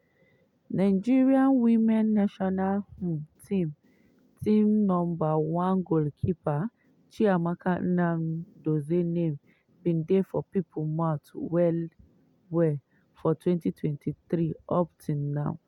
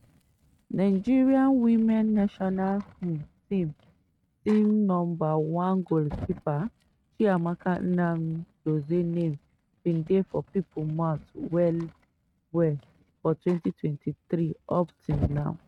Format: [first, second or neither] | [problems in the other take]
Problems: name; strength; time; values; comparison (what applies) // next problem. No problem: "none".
first | noise reduction (neural mask model RNNoise)